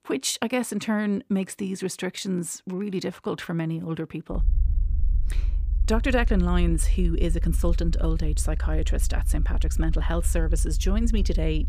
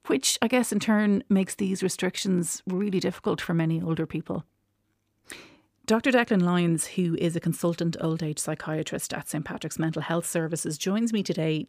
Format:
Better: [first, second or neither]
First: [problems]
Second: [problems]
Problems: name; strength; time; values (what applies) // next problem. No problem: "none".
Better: second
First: low rumble; noticeable; from 4.5 s on; 20 dB below the speech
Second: none